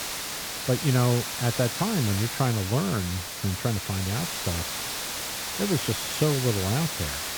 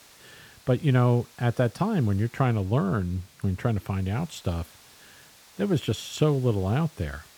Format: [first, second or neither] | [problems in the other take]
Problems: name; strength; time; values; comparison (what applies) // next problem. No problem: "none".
second | hiss; loud; throughout; 3 dB below the speech; faint in the second